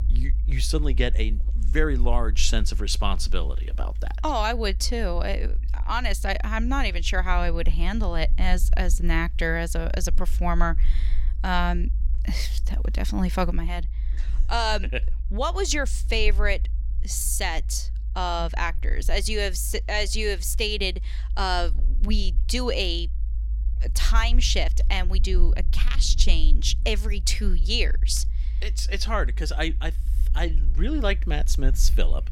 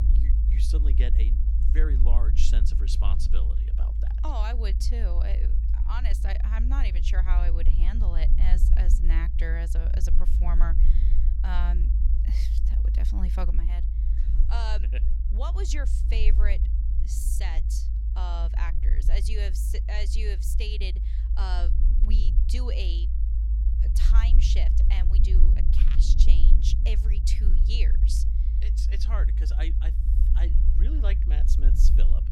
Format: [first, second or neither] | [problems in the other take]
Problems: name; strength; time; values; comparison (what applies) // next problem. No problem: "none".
first | low rumble; loud; throughout; 6 dB below the speech; faint in the first